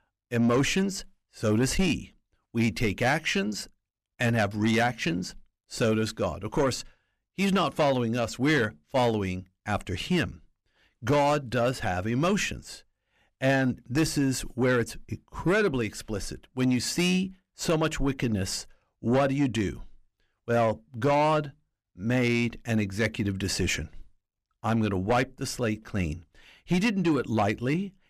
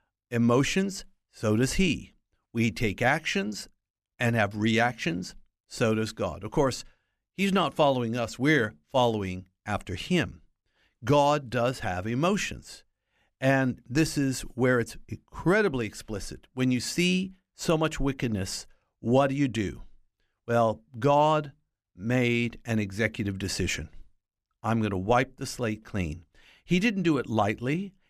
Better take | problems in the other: second | distortion; slight; 10 dB below the speech

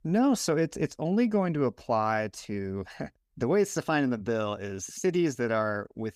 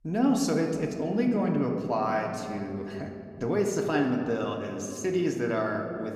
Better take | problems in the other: first | room echo; slight; dies away in 1.9 s

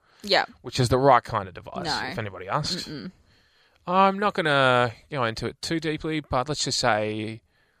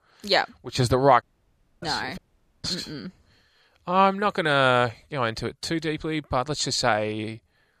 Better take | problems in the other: first | audio cutting out; at 1 s for 0.5 s and at 2 s

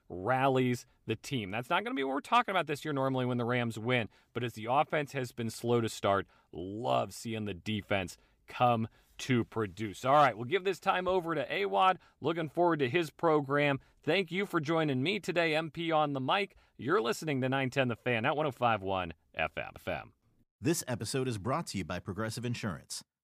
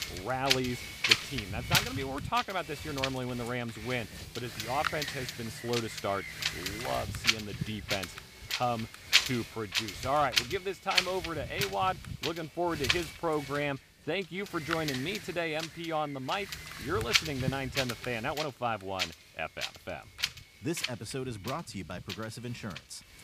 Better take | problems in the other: first | wind noise on the microphone; heavy; 2 dB above the speech

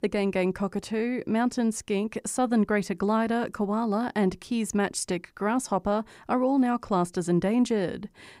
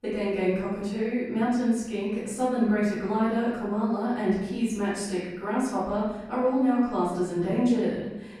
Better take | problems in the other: first | off-mic speech; far // room echo; noticeable; dies away in 1 s

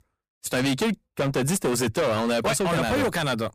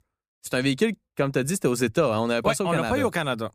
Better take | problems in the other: second | distortion; heavy; 22% of the sound clipped

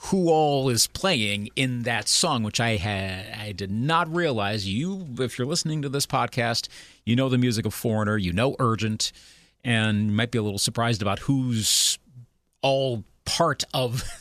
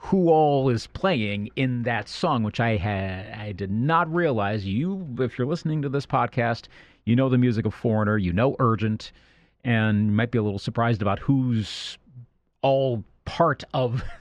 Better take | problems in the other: first | muffled; very; fading above 2 kHz

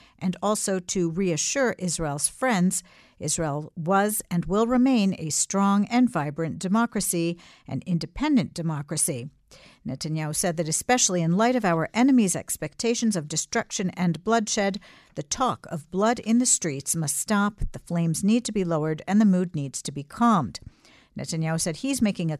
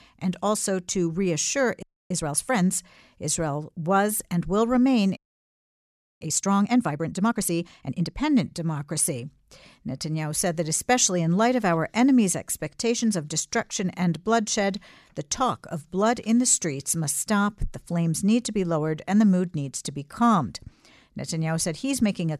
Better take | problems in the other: first | audio freezing; at 2 s and at 5 s for 1 s

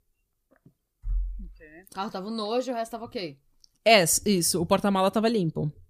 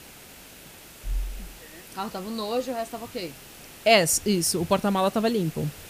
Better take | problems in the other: first | hiss; noticeable; throughout; 20 dB below the speech

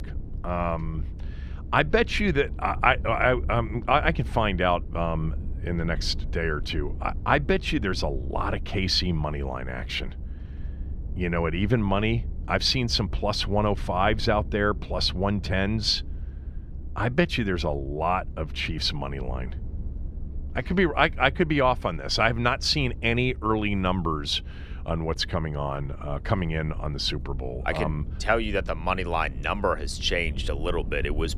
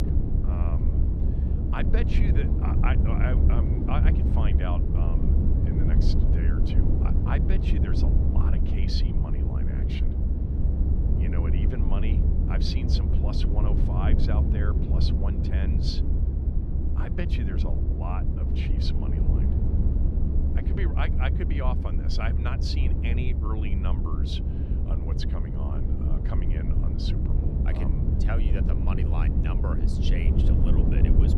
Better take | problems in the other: first | low rumble; loud; throughout; as loud as the speech; faint in the first

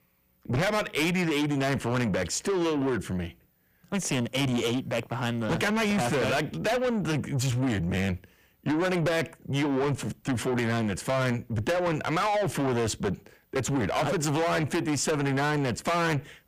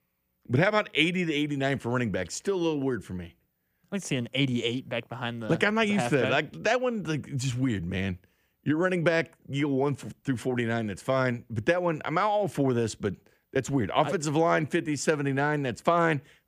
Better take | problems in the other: second | distortion; heavy; 6 dB below the speech

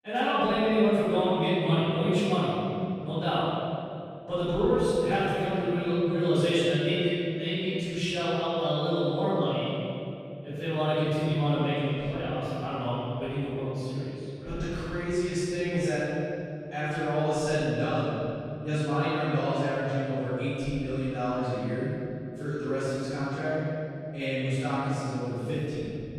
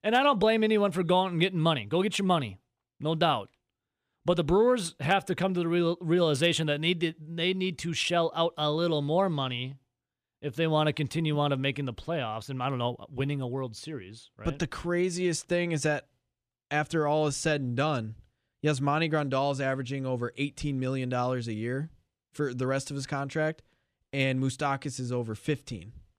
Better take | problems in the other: second | off-mic speech; far // room echo; strong; dies away in 2.8 s

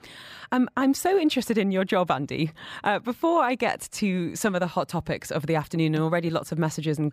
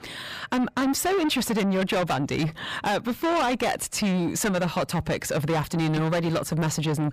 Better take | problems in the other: first | distortion; heavy; 6 dB below the speech

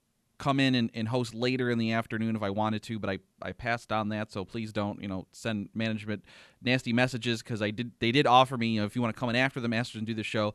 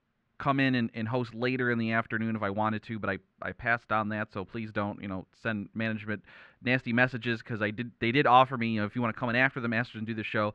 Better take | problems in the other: first | muffled; slightly; fading above 2.5 kHz

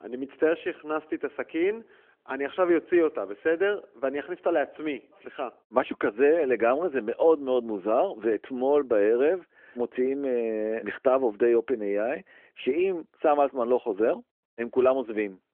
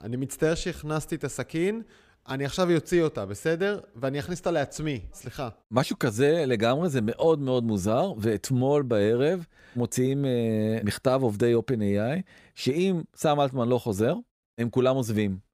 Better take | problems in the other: second | phone-call audio

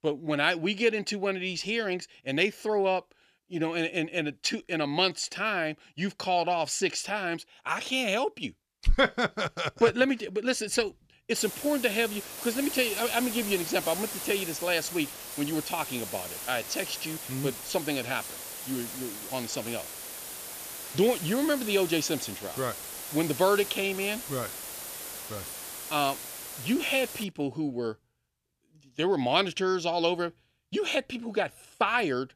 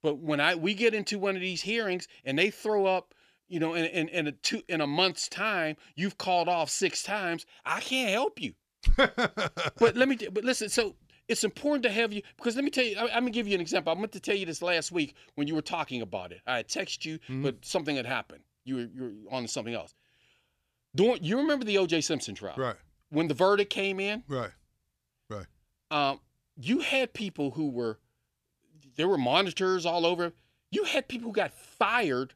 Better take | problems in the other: second | hiss; loud; from 11 to 27 s; 8 dB below the speech

